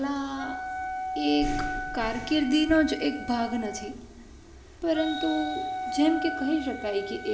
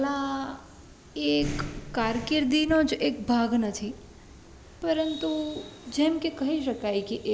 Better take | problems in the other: second | background sound (Wind instrument, woodwind instrument); 8 dB below the speech // room echo; dies away in 2.6 s

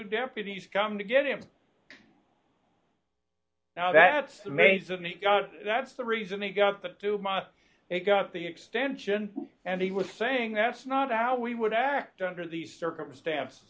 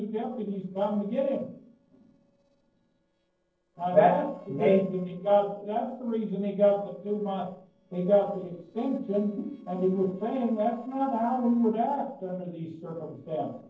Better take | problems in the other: first | noise reduction (neural separator model SepFormer DNS4)

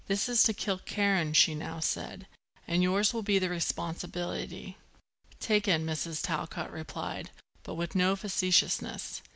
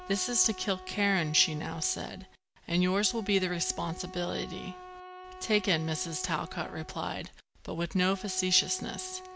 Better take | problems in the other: first | background sound (Wind instrument, woodwind instrument); 16 dB below the speech

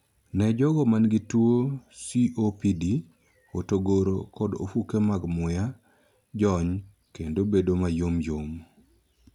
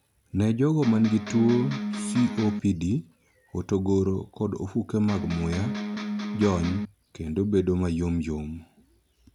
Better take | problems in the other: first | background sound (Electric guitar); 6 dB below the speech

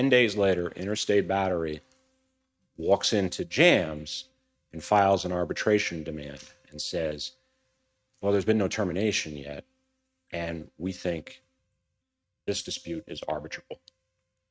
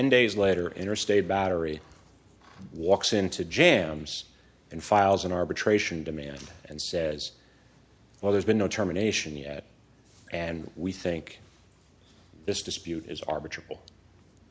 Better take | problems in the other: second | noise reduction (neural mask model RNNoise)

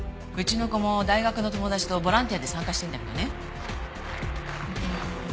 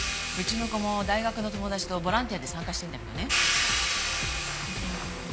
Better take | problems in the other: first | background sound (Hi-hat); 1 dB below the speech

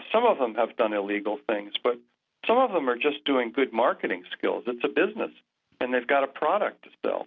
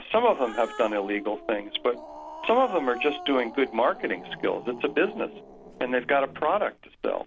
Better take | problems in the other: first | background sound (Growling); 15 dB below the speech

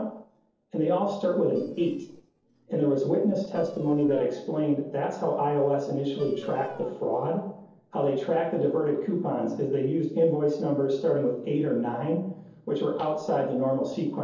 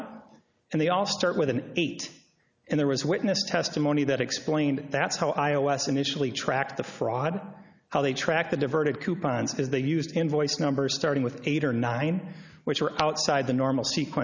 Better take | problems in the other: second | noise reduction (neural separator model SepFormer DNS4)

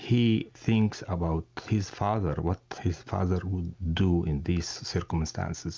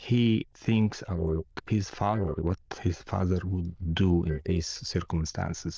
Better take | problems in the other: first | noise reduction (neural diffusion model UNIVERSE++)

